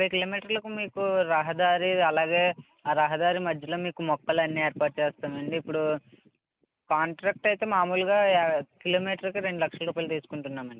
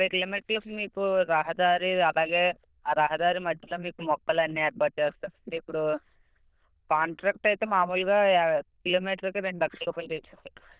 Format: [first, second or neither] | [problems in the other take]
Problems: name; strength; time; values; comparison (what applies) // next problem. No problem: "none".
first | noise reduction (neural diffusion model UNIVERSE++)